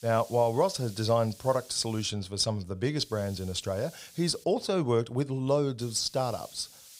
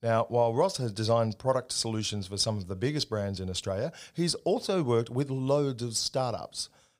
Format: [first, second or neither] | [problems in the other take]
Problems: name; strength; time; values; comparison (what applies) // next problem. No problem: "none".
second | hiss; faint; until 2 s, from 3 to 4.5 s and from 6 s on; 20 dB below the speech